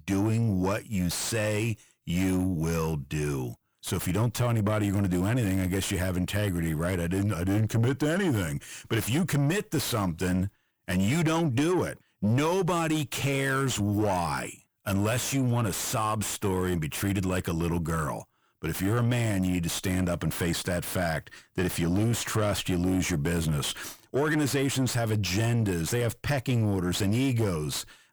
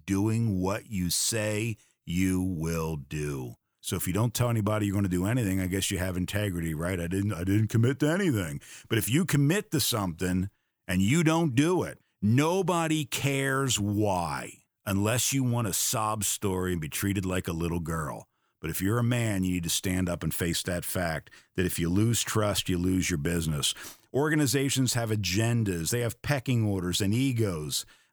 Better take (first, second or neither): second